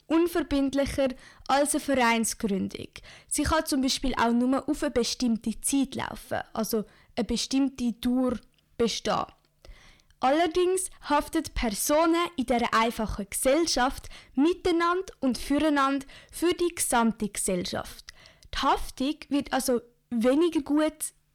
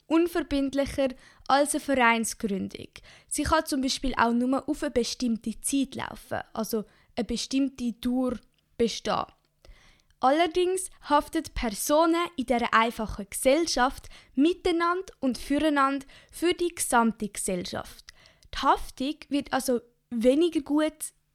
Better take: second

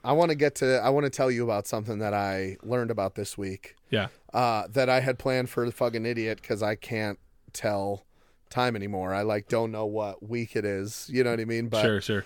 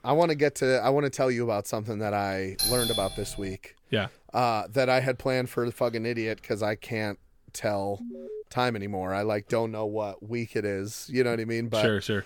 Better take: first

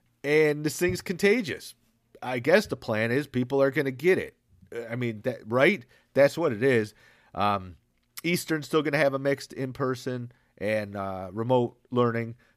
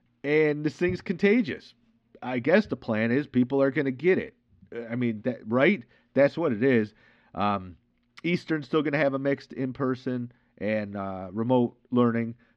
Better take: first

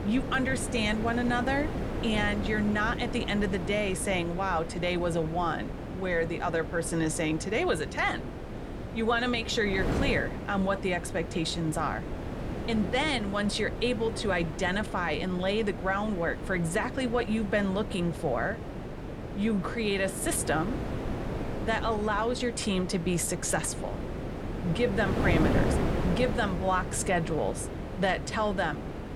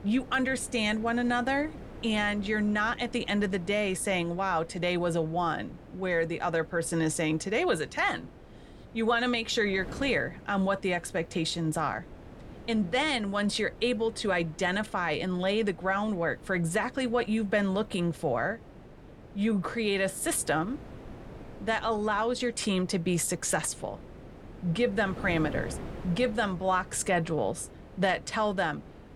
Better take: second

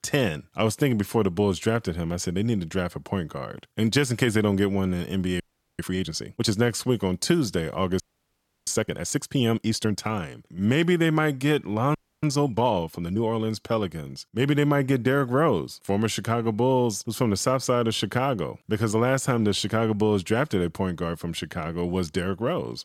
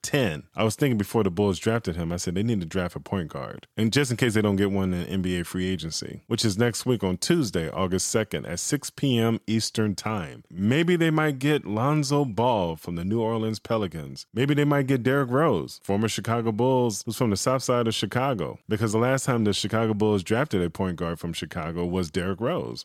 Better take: second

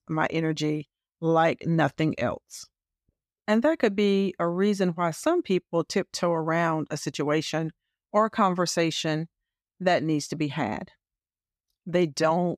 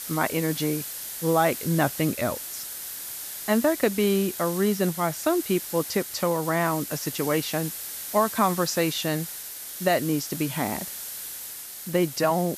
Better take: first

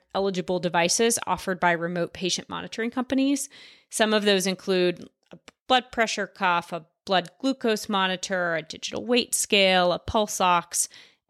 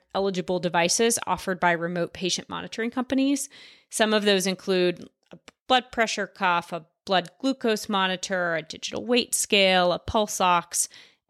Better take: neither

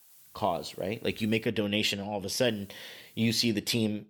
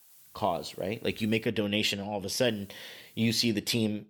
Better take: neither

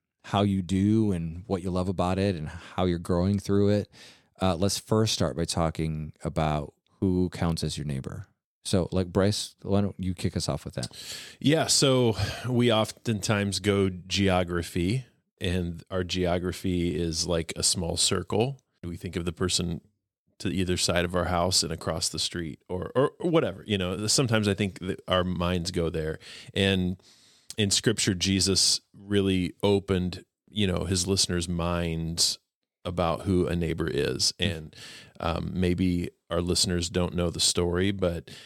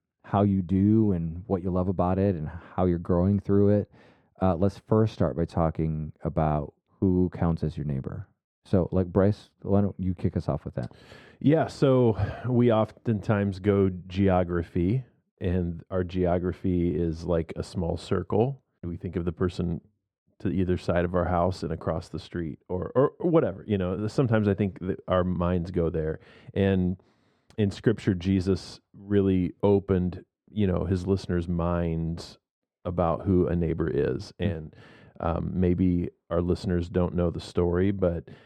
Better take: first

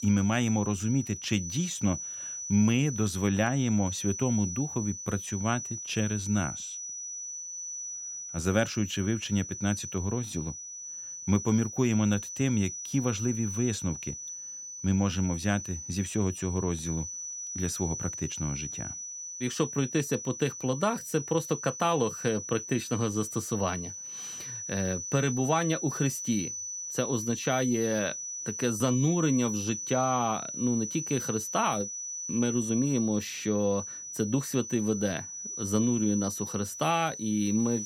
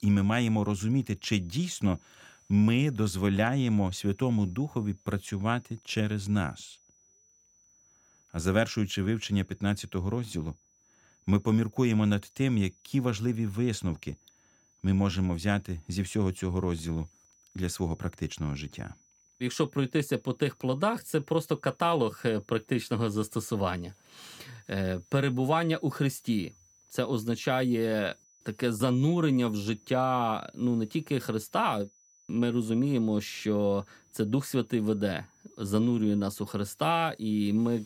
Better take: second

